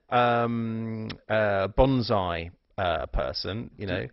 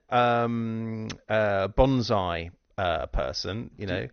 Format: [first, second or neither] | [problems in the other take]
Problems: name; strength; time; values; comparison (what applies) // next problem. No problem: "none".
second | garbled, watery; badly; nothing above 5.5 kHz; slightly in the second